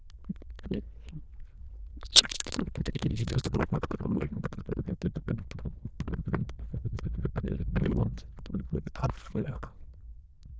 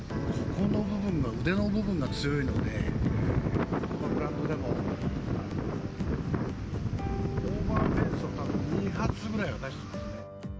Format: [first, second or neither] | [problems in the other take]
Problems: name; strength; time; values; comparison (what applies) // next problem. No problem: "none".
second | noise reduction (neural diffusion model UNIVERSE++)